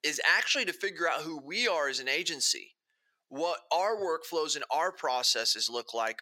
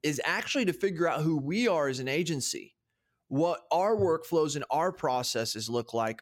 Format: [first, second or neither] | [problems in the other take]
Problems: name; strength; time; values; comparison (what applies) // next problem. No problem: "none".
second | thin; very; fading below 550 Hz